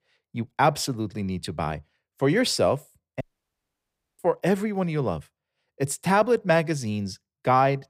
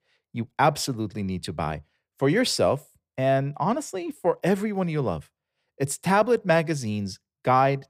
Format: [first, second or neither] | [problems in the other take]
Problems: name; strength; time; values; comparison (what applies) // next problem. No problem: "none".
second | audio cutting out; at 3 s for 1 s